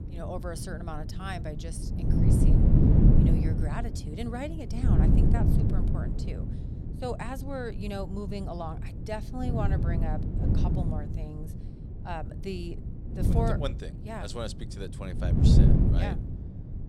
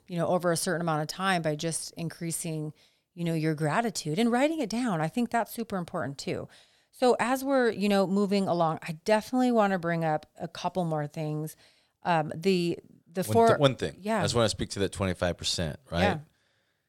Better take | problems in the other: second | wind noise on the microphone; heavy; 2 dB above the speech

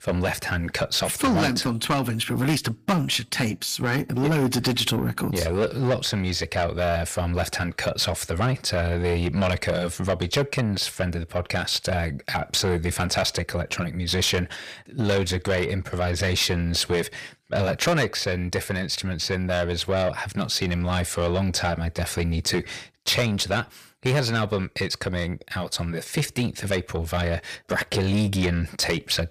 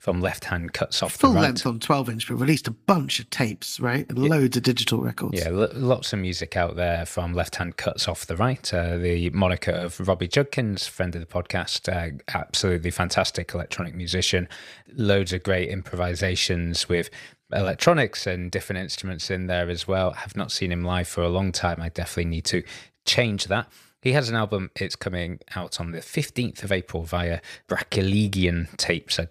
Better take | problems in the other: second | distortion; heavy; 8 dB below the speech

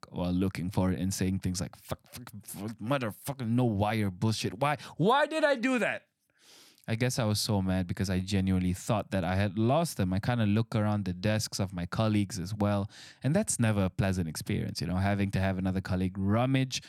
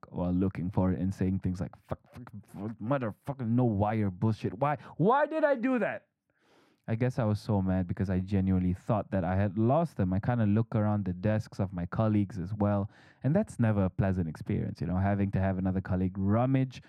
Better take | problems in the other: first | muffled; very; fading above 2.5 kHz

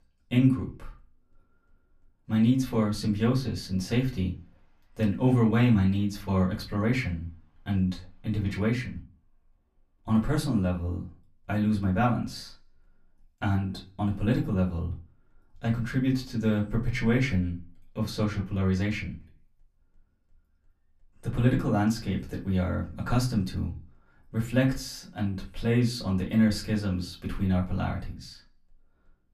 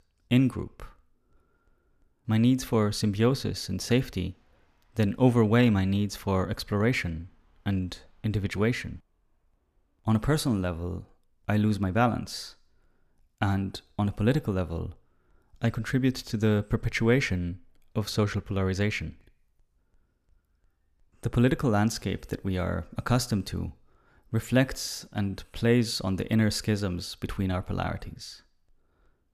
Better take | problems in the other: second | off-mic speech; far // room echo; very slight; dies away in 0.3 s

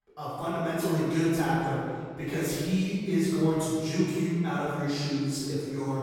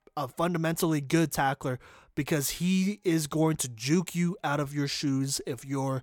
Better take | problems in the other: second | room echo; strong; dies away in 1.7 s // off-mic speech; far

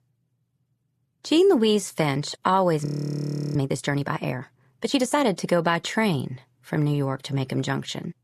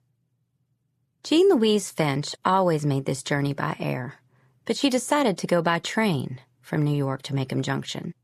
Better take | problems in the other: second | audio freezing; at 3 s for 0.5 s

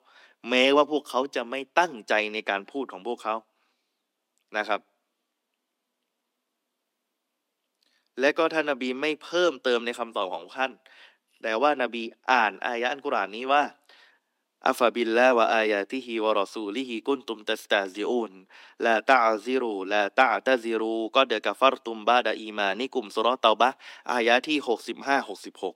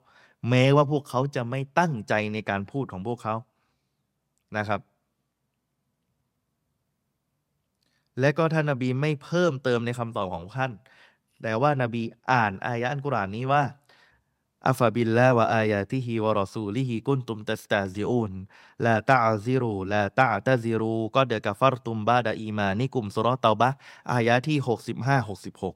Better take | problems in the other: second | thin; somewhat; fading below 250 Hz

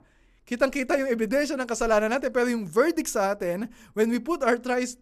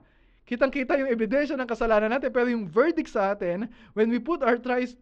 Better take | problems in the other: first | muffled; slightly; fading above 3.5 kHz

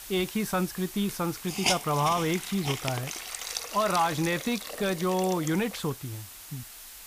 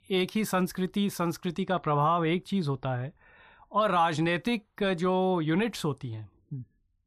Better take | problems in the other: second | hiss; loud; throughout; 6 dB below the speech

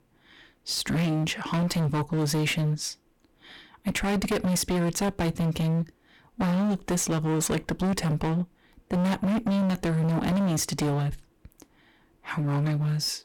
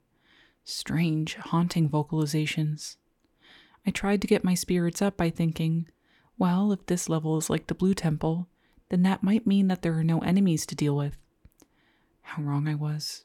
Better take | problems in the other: second | distortion; heavy; 26% of the sound clipped

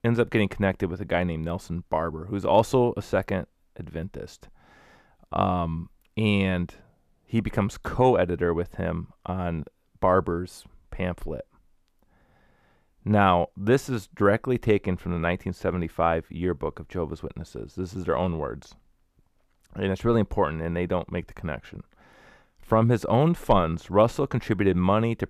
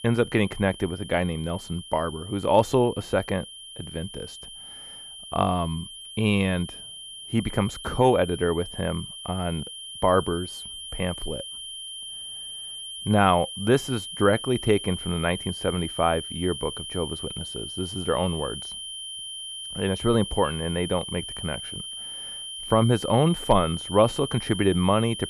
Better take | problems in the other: first | high-pitched whine; loud; throughout; 3 kHz, 10 dB below the speech

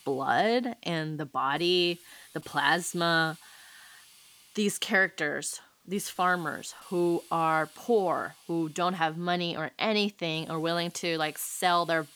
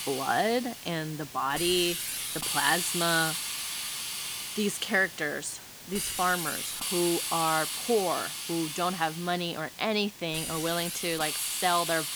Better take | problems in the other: first | hiss; loud; throughout; 3 dB below the speech; faint in the first

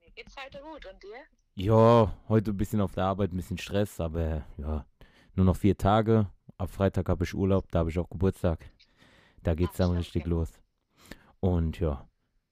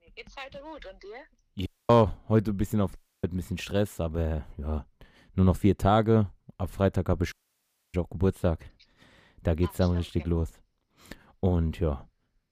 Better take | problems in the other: first | audio cutting out; at 1.5 s, at 3 s and at 7.5 s for 0.5 s

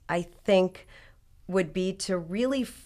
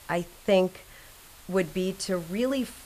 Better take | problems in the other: first | hiss; faint; throughout; 20 dB below the speech

